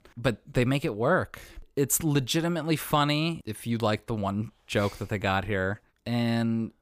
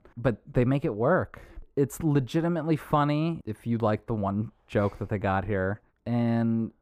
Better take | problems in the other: first | muffled; very; fading above 2 kHz

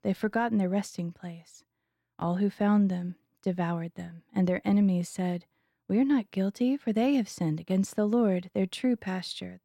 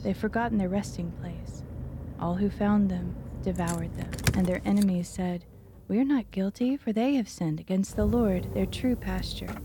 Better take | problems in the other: first | traffic noise; loud; throughout; 8 dB below the speech

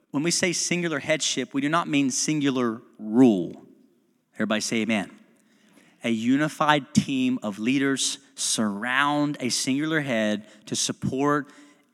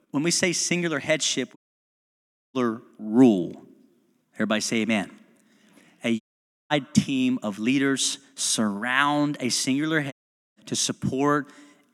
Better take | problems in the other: first | audio cutting out; at 1.5 s for 1 s, at 6 s for 0.5 s and at 10 s

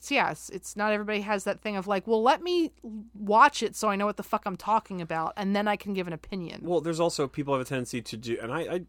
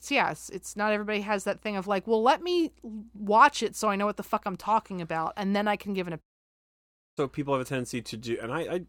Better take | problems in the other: first | audio cutting out; at 6 s for 1 s

